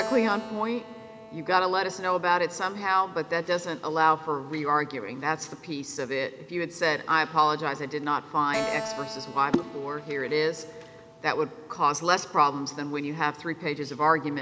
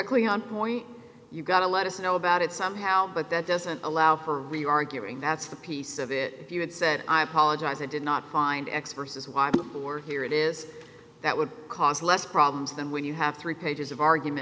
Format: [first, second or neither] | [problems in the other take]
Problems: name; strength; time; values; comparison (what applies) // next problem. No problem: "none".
second | background sound (Keyboard (musical)); 15 dB below the speech